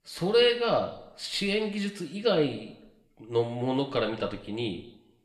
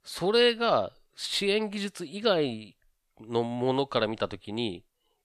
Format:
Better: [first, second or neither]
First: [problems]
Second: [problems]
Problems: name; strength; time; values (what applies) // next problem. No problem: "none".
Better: second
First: room echo; slight; dies away in 0.6 s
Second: none